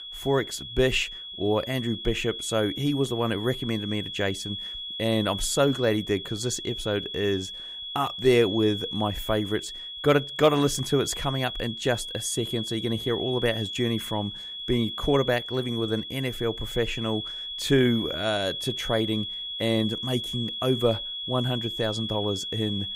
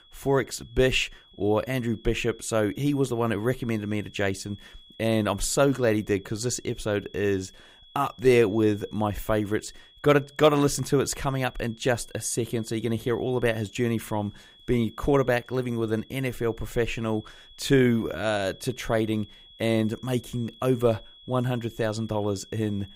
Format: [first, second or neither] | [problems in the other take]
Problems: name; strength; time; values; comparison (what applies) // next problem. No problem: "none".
second | high-pitched whine; loud; throughout; 3.5 kHz, 6 dB below the speech; faint in the second